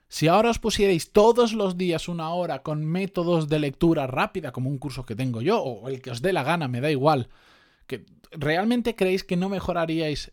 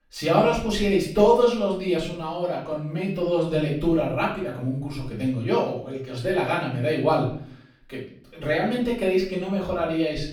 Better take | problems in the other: first | off-mic speech; far // room echo; noticeable; dies away in 0.5 s

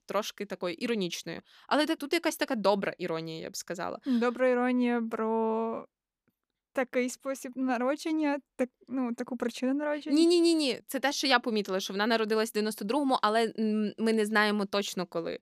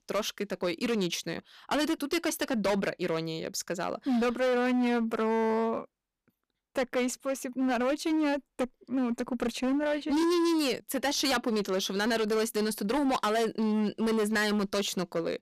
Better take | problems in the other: first | distortion; heavy; 18% of the sound clipped

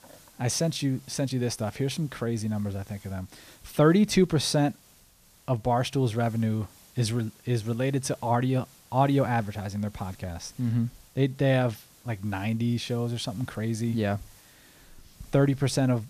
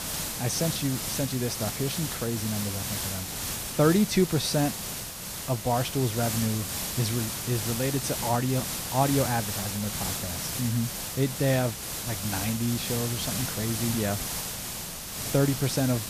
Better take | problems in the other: first | hiss; loud; throughout; 3 dB below the speech; faint in the first

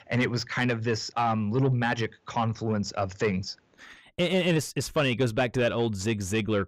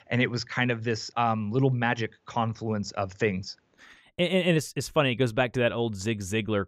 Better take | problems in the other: second | distortion; slight; 10 dB below the speech

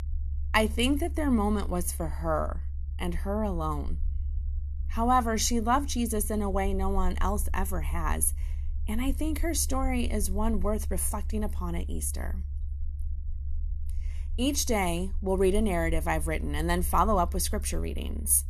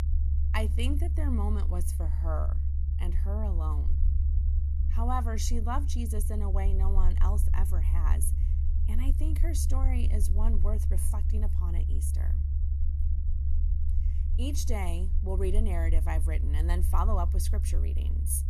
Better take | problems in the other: first | low rumble; loud; throughout; 9 dB below the speech; faint in the first

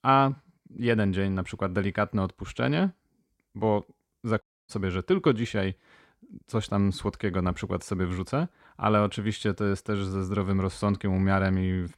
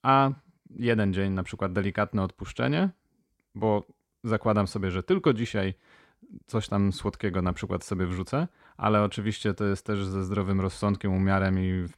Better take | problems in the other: second | audio cutting out; at 4.5 s

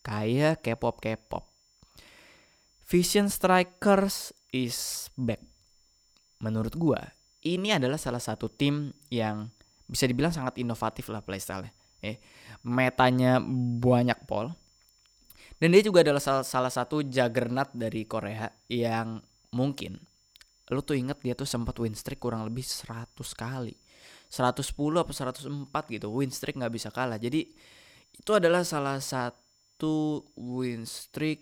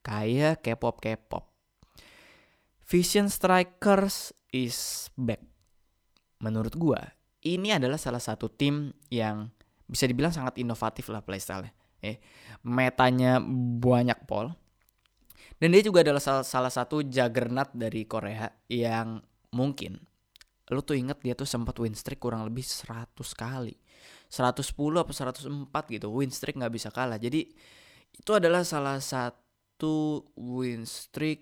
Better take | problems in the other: second | high-pitched whine; faint; throughout; 5.5 kHz, 35 dB below the speech

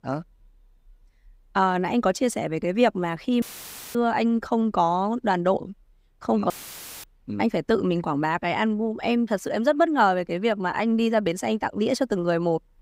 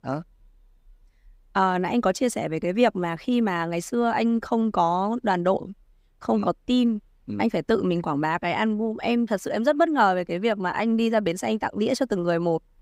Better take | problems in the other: second | audio cutting out; filled with static; at 3.5 s for 0.5 s and at 6.5 s for 0.5 s

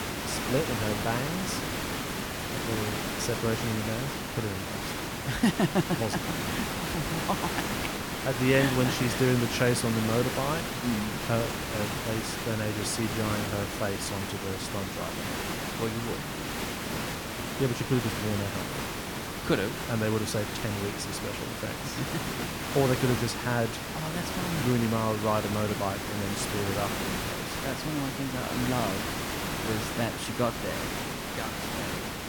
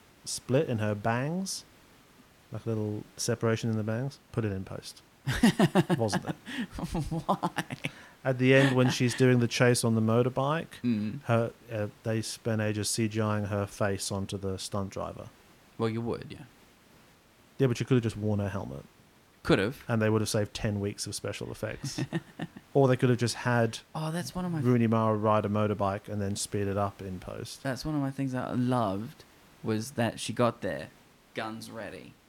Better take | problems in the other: second | hiss; loud; throughout; 1 dB below the speech; faint in the second

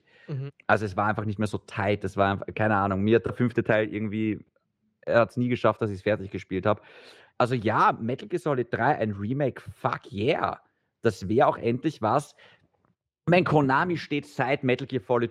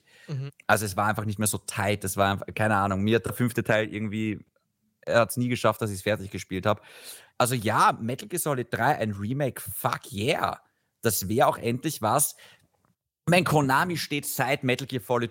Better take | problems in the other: second | muffled; slightly; fading above 3 kHz

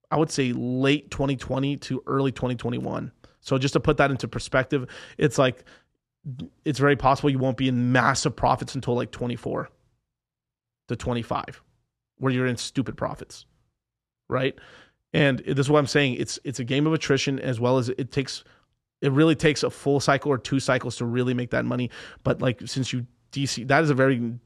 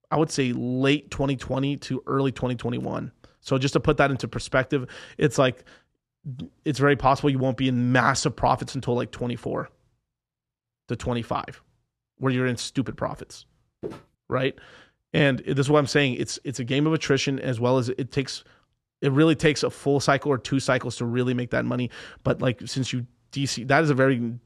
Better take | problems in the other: first | footsteps; faint; at 14 s; peak 15 dB below the speech

